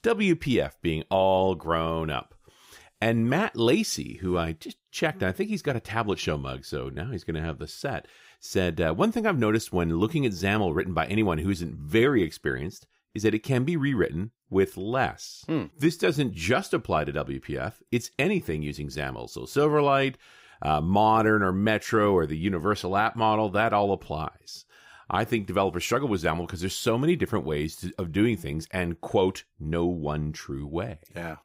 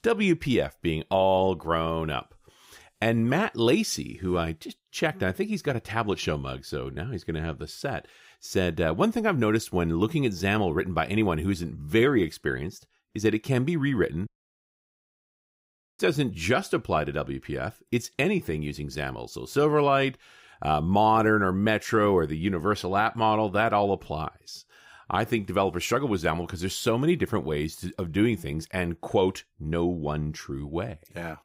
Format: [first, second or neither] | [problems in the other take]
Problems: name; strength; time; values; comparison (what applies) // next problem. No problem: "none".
first | audio cutting out; at 14 s for 1.5 s